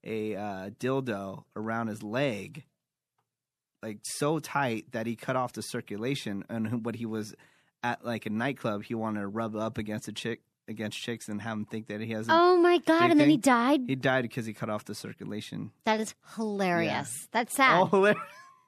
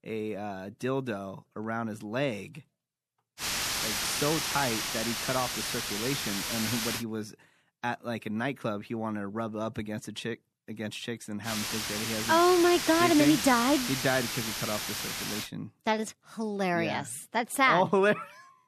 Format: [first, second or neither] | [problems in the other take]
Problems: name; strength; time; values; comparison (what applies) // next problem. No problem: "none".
first | hiss; loud; from 3.5 to 7 s and from 11 to 15 s; 1 dB below the speech